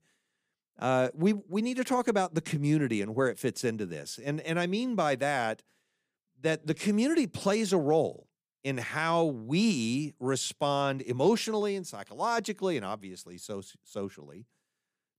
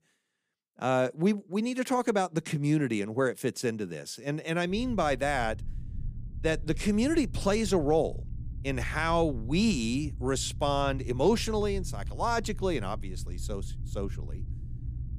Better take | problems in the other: first | low rumble; faint; from 4.5 s on; 25 dB below the speech

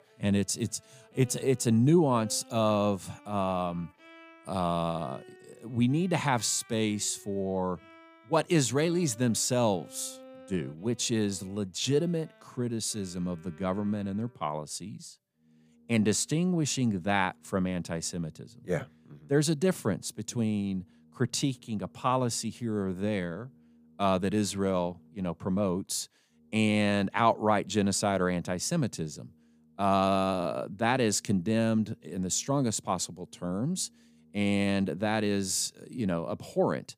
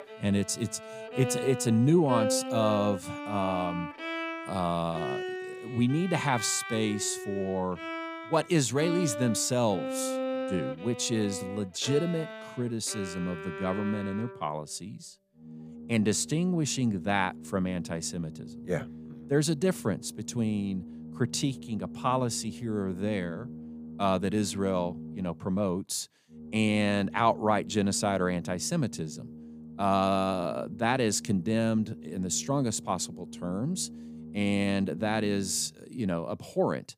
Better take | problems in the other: first | background music; loud; throughout; 10 dB below the speech; faint in the first

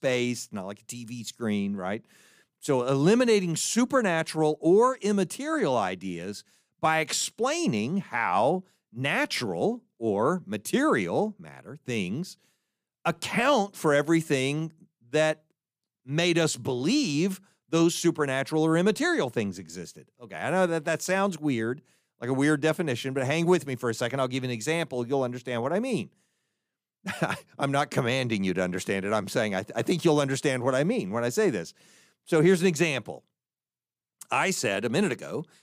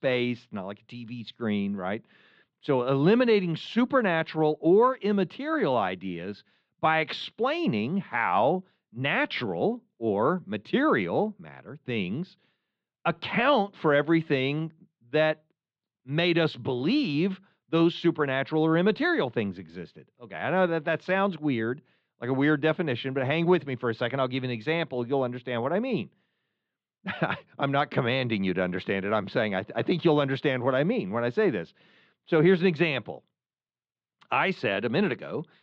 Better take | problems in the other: first | muffled; slightly; fading above 3.5 kHz

